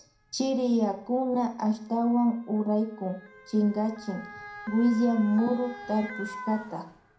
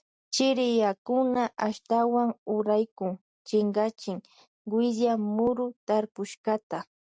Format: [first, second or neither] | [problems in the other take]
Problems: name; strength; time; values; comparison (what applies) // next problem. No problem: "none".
second | background sound (Motor vehicle (road) / Siren); 18 dB below the speech // room echo; dies away in 0.4 s